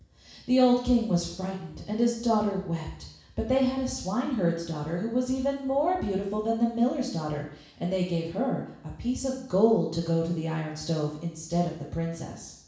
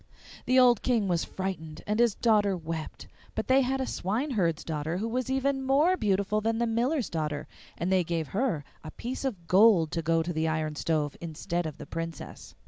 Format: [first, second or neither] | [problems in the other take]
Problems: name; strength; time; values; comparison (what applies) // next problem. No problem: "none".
second | room echo; dies away in 0.7 s